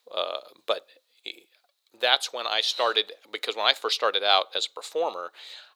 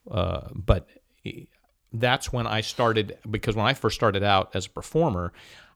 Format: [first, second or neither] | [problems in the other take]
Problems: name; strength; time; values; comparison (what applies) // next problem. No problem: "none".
second | thin; very; fading below 450 Hz